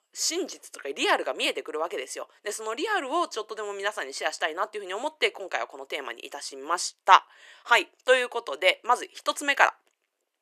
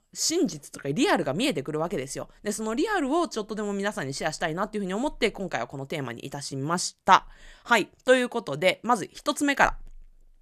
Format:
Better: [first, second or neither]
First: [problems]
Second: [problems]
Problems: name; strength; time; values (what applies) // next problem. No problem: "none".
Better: second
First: thin; very; fading below 350 Hz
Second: none